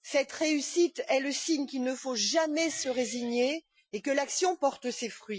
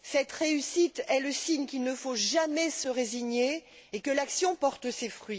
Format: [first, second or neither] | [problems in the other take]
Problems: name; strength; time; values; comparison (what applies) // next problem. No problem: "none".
second | noise reduction (classical method Wiener filter)